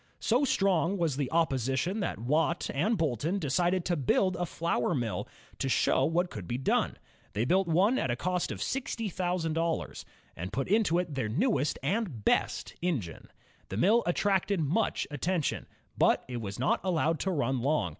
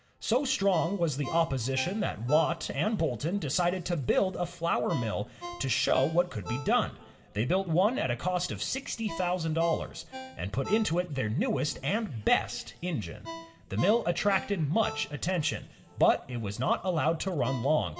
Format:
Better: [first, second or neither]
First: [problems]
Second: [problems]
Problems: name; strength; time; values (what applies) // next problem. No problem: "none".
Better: first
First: none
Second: background sound (Ringtone); 17 dB below the speech // room echo; dies away in 1.9 s